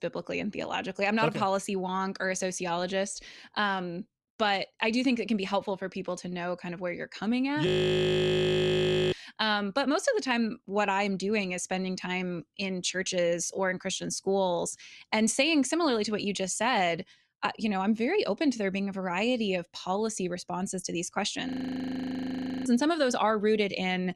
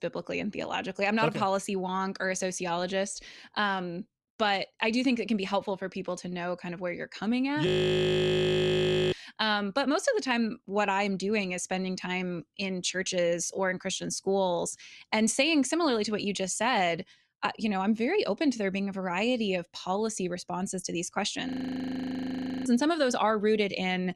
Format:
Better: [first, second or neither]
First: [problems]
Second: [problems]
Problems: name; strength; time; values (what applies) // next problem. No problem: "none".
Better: neither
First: audio freezing; at 7.5 s for 1.5 s and at 21 s for 1 s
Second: audio freezing; at 7.5 s for 1.5 s and at 21 s for 1 s